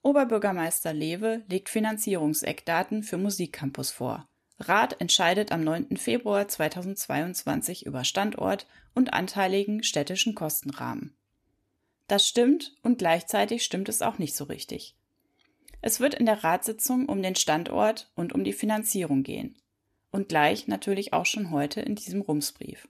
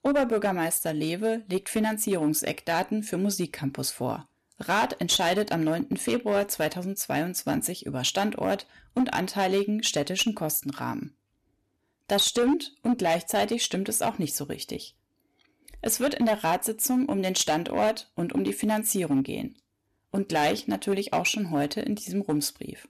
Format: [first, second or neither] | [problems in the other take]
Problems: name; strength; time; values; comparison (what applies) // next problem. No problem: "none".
first | distortion; slight; 5% of the sound clipped